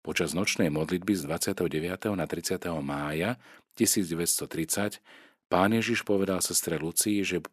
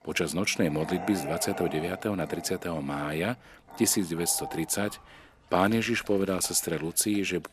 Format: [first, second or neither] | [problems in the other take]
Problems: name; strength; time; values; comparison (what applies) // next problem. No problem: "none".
first | animal sounds; noticeable; throughout; 15 dB below the speech